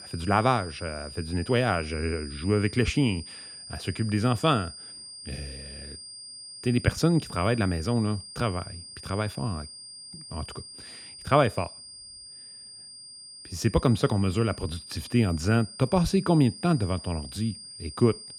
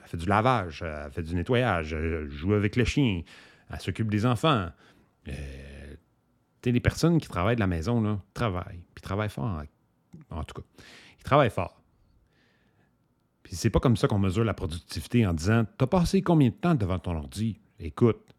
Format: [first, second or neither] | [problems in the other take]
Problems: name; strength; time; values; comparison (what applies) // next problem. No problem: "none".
second | high-pitched whine; noticeable; throughout; 5 kHz, 15 dB below the speech